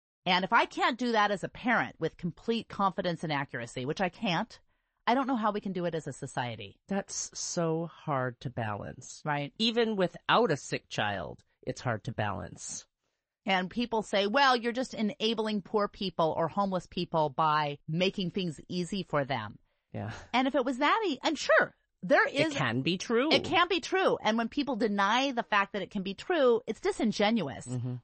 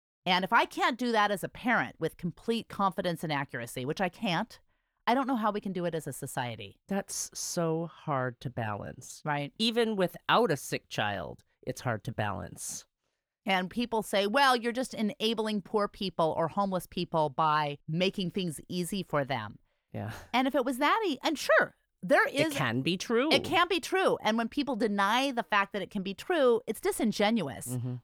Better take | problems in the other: second | garbled, watery; slightly; nothing above 8 kHz

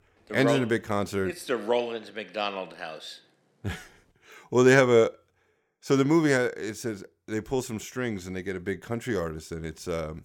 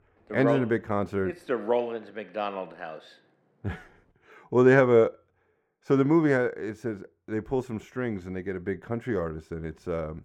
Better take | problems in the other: first | muffled; very; fading above 3 kHz

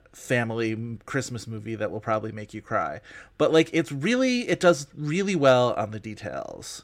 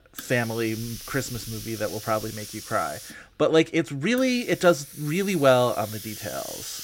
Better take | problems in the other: first | hiss; noticeable; throughout; 15 dB below the speech

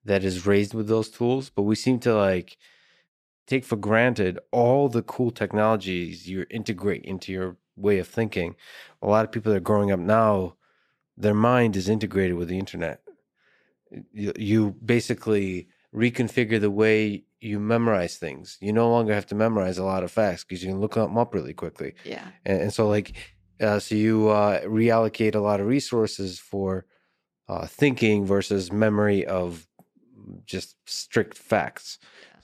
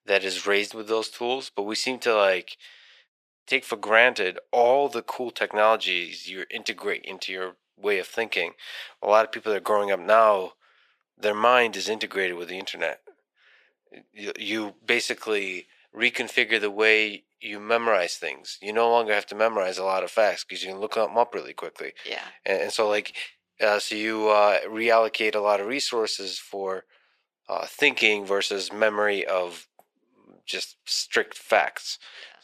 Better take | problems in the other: first | thin; very; fading below 650 Hz

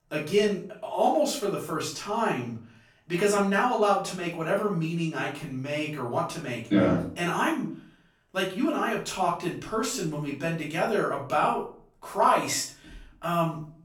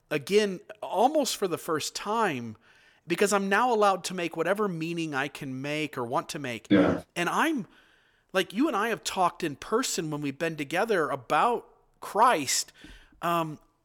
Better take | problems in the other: second | off-mic speech; far // room echo; slight; dies away in 0.4 s

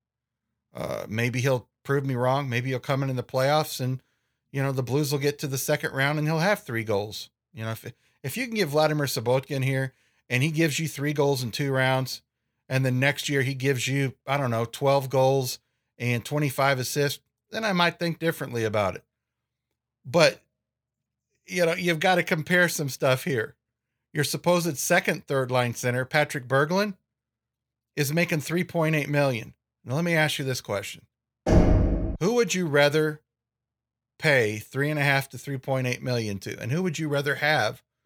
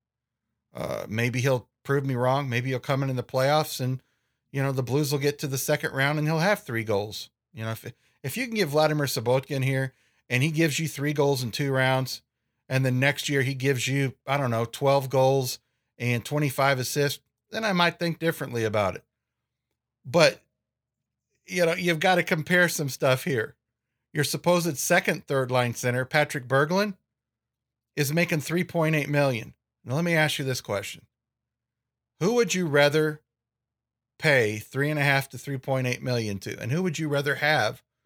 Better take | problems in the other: second | door banging; loud; at 31 s; peak 5 dB above the speech

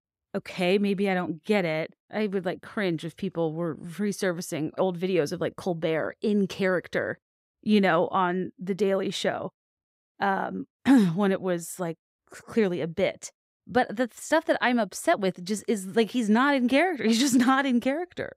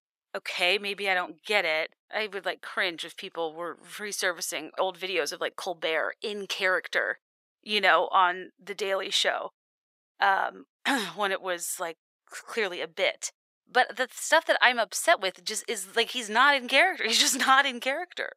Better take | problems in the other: first | thin; very; fading below 800 Hz

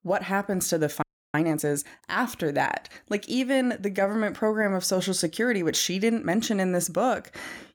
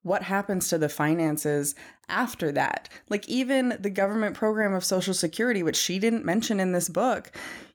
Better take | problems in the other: second | audio freezing; at 1 s

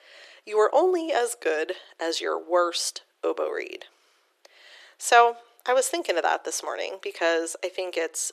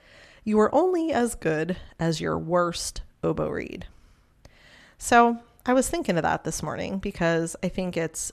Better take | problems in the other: second | thin; very; fading below 350 Hz

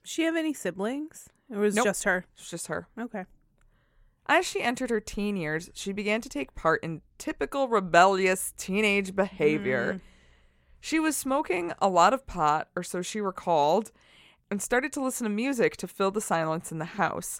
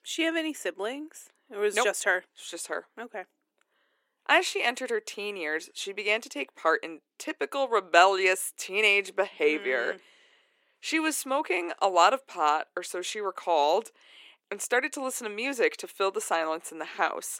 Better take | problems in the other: first | thin; somewhat; fading below 300 Hz

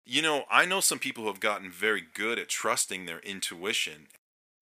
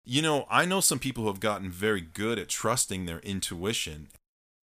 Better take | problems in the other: second | thin; somewhat; fading below 300 Hz

